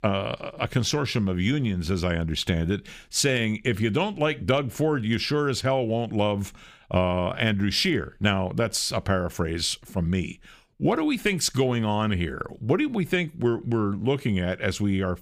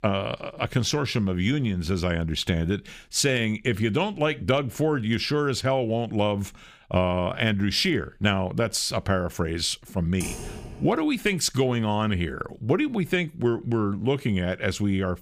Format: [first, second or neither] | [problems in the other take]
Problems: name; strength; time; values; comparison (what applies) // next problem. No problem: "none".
first | keyboard typing; noticeable; at 10 s; peak 9 dB below the speech